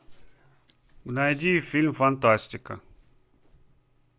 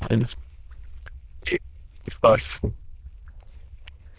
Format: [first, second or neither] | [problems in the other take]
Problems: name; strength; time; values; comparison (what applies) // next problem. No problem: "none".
first | noise reduction (neural diffusion model UNIVERSE++)